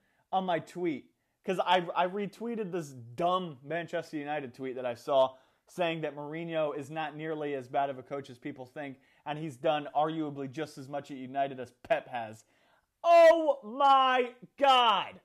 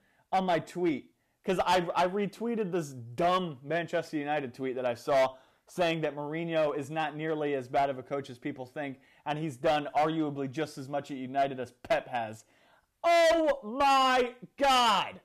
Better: first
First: none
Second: distortion; heavy; 6% of the sound clipped

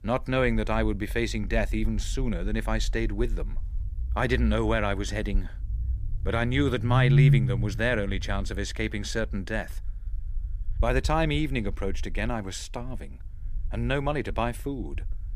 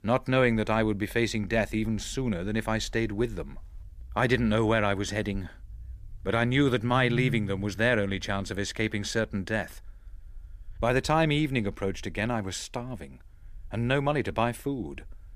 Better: second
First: low rumble; loud; throughout; 10 dB below the speech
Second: low rumble; faint; throughout; 25 dB below the speech

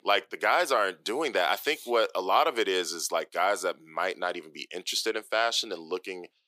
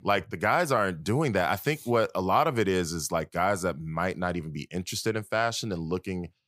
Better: second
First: thin; very; fading below 350 Hz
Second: none

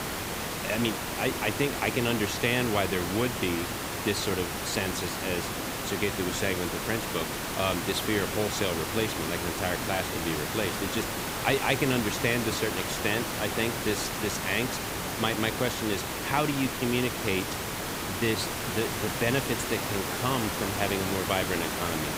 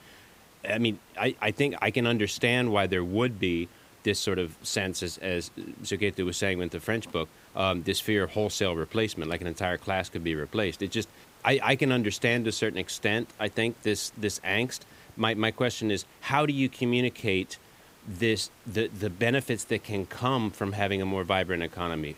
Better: second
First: hiss; loud; throughout; 1 dB below the speech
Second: hiss; faint; throughout; 25 dB below the speech

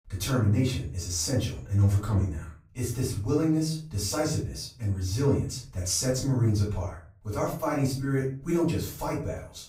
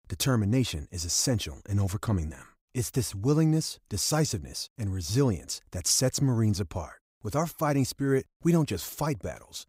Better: second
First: room echo; noticeable; dies away in 0.4 s // off-mic speech; far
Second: none

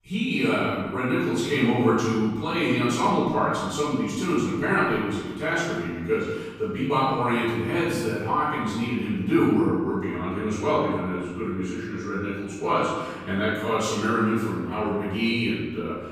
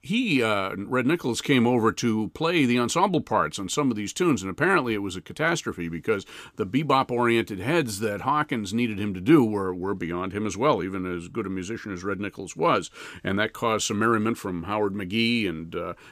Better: second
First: off-mic speech; far // room echo; strong; dies away in 1.2 s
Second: none

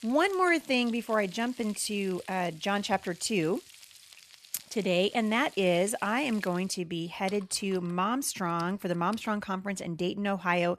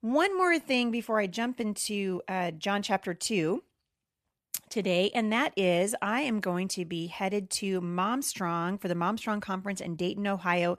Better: second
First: household noises; faint; throughout; 20 dB below the speech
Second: none

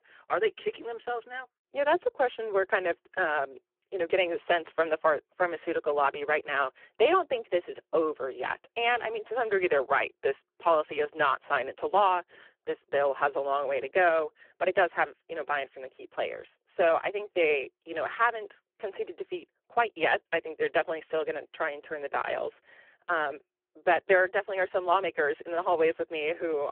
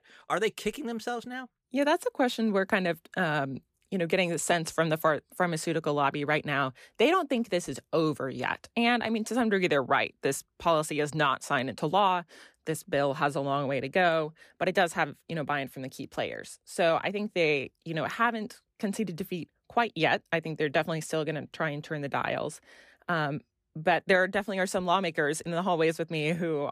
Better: second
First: phone-call audio; poor line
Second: none

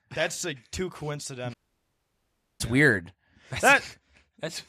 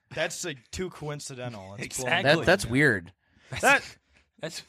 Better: second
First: audio cutting out; at 1.5 s for 1 s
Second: none

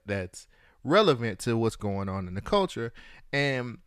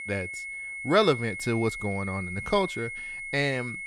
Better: first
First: none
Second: high-pitched whine; loud; throughout; 2 kHz, 7 dB below the speech

